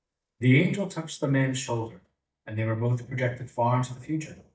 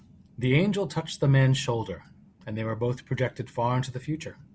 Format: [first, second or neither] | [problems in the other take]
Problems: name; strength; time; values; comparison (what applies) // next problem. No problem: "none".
second | noise reduction (neural mask model DeepFilterNet 3)